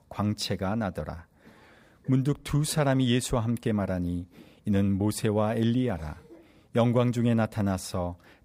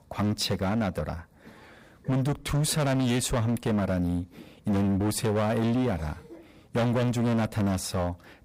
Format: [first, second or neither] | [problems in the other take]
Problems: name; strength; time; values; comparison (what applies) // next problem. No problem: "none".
first | distortion; heavy; 19% of the sound clipped